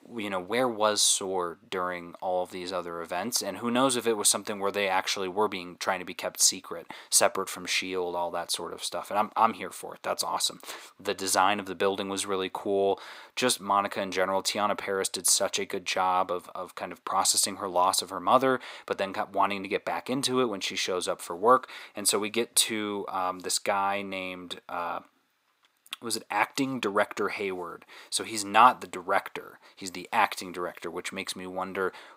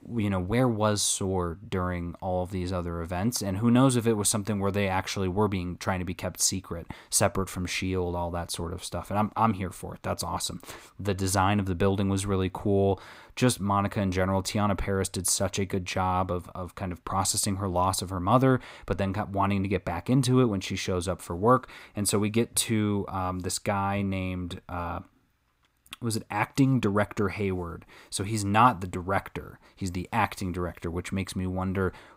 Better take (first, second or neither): second